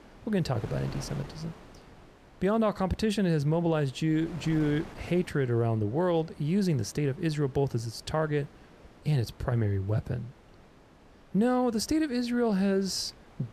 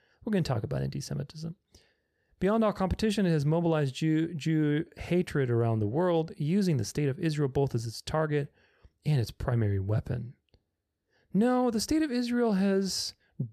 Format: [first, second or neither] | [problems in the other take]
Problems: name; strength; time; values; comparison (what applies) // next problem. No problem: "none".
second | wind noise on the microphone; occasional gusts; 20 dB below the speech